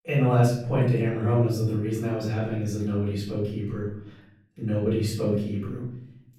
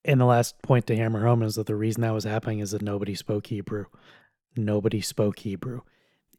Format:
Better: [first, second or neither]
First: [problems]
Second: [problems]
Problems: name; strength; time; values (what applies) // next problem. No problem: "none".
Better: second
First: off-mic speech; far // room echo; noticeable; dies away in 0.8 s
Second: none